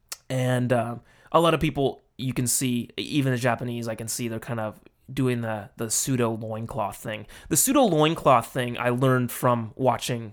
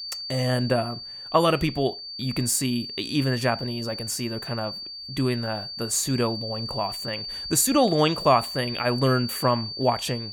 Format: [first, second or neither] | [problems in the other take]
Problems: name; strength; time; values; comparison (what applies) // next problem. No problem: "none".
first | high-pitched whine; loud; throughout; 4.5 kHz, 8 dB below the speech